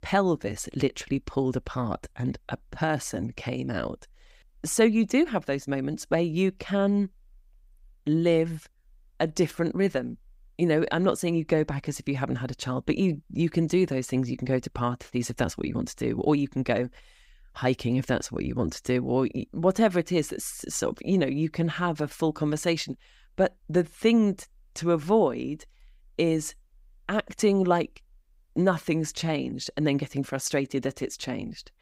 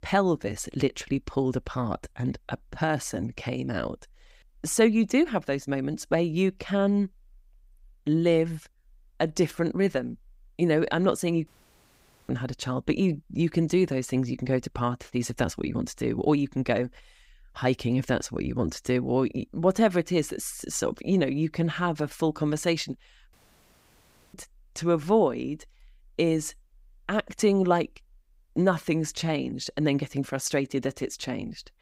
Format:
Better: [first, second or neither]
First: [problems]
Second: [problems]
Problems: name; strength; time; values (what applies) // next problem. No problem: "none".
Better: first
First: none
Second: audio cutting out; at 11 s for 1 s and at 23 s for 1 s